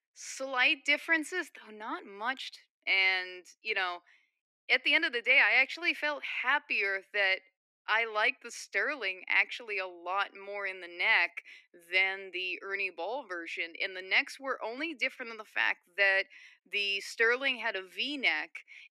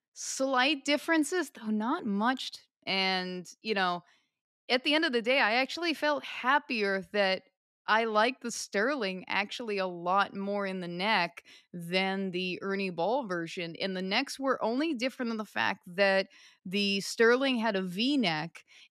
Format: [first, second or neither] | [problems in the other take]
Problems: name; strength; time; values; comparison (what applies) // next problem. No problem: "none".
second | thin; somewhat; fading below 300 Hz